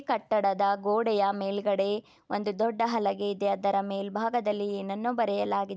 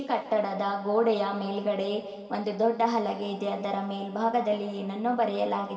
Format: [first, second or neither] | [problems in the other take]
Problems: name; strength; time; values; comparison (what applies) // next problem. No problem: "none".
first | room echo; dies away in 3 s